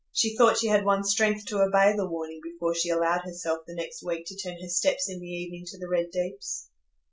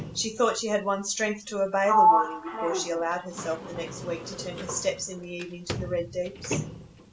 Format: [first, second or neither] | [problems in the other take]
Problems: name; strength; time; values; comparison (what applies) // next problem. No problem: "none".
first | background sound (Sliding door); as loud as the speech